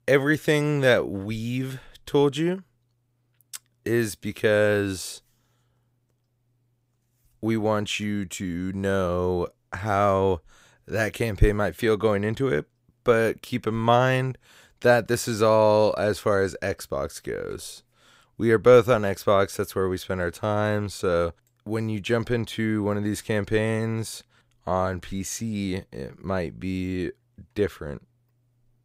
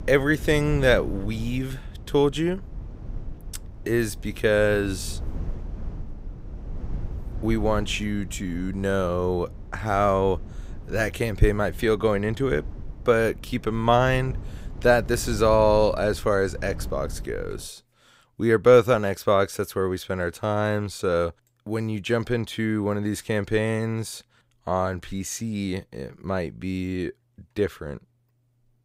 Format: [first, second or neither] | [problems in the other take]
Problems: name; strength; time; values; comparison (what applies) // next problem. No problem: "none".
first | low rumble; faint; until 18 s; 25 dB below the speech